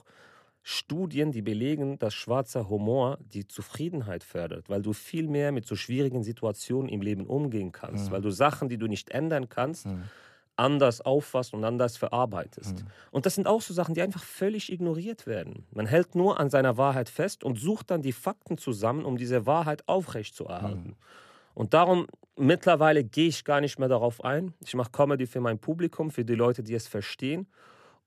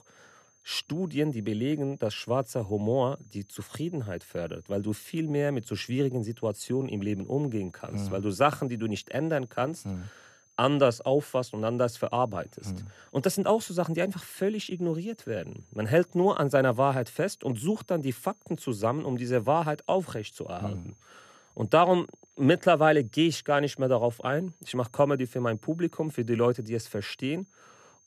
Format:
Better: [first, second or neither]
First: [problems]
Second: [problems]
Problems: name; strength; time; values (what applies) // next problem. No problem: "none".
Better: first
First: none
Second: high-pitched whine; faint; throughout; 6.5 kHz, 35 dB below the speech